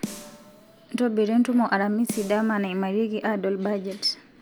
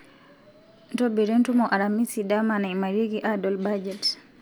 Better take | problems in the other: second | background sound (Snare drum); 17 dB below the speech

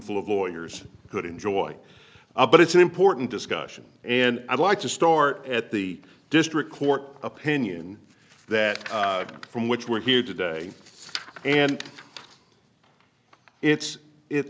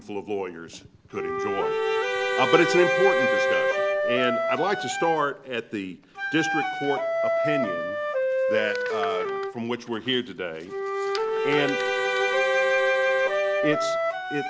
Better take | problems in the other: first | background sound (Bowed string instrument + Wind instrument, woodwind instrument); 3 dB above the speech

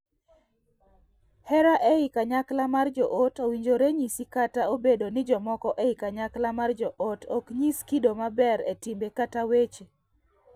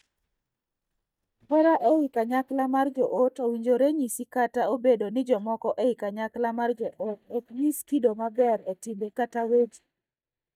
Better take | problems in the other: first | noise reduction (neural mask model DeepFilterNet 3)

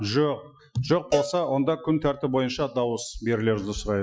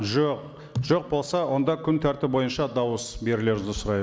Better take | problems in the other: second | noise reduction (classical method Wiener filter)

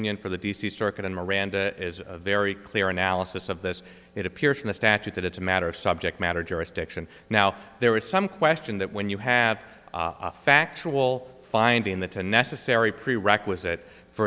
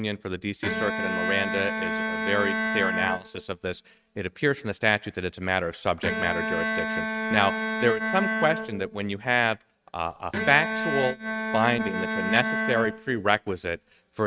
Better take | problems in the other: first | noise reduction (neural mask model RNNoise)

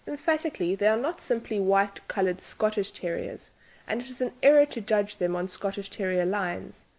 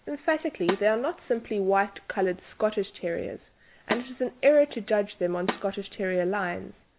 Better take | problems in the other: first | background sound (Snare drum); 11 dB below the speech

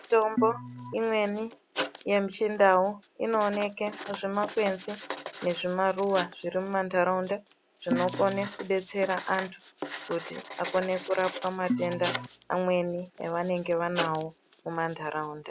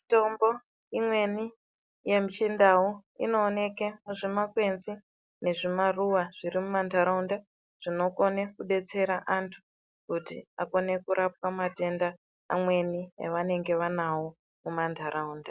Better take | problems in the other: second | background sound (Writing + Organ); 10 dB below the speech

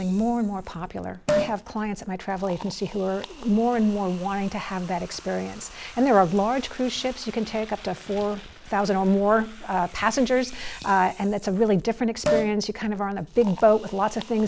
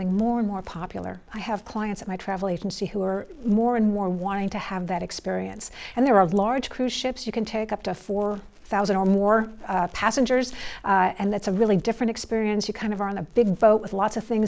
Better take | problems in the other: second | background sound (Liquid); 12 dB below the speech

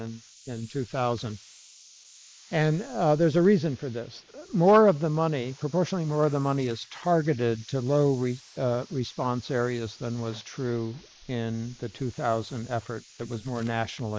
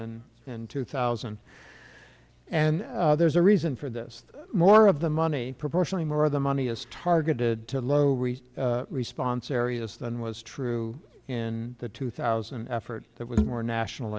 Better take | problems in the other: second | noise reduction (neural mask model Resemble Enhance denoiser)

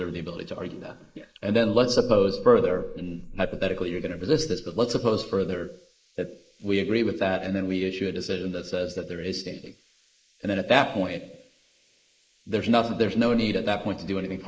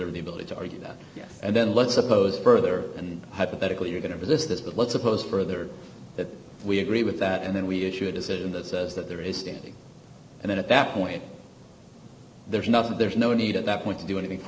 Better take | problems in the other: second | noise reduction (neural mask model Resemble Enhance denoiser)

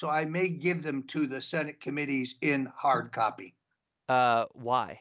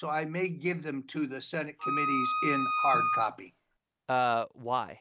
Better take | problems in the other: first | background sound (Wind instrument, woodwind instrument); 2 dB above the speech

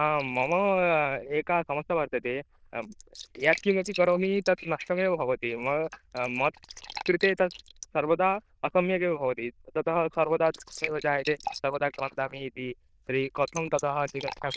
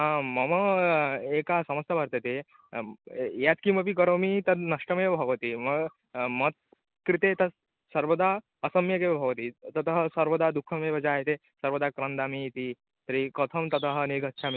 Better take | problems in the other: second | noise reduction (neural diffusion model UNIVERSE++)

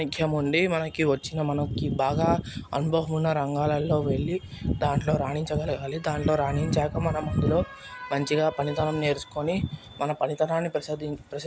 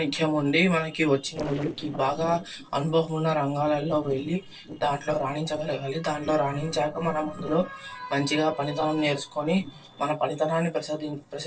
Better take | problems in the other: first | noise reduction (neural separator model SepFormer DNS4)

